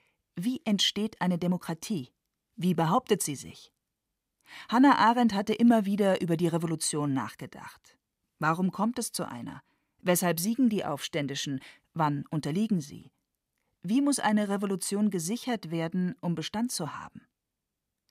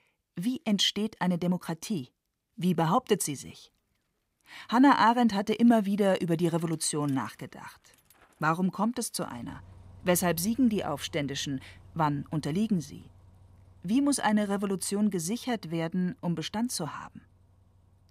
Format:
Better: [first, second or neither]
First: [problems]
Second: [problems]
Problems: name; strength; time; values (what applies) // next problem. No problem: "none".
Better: first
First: none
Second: traffic noise; faint; throughout; 30 dB below the speech